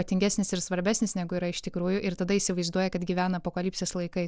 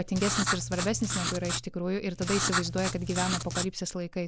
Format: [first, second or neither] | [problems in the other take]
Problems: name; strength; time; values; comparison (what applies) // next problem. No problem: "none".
first | background sound (Writing); 2 dB below the speech